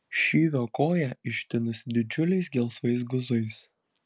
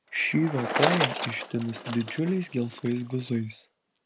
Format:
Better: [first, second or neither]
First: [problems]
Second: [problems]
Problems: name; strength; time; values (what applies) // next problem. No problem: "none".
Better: first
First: none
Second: background sound (Bicycle); 4 dB below the speech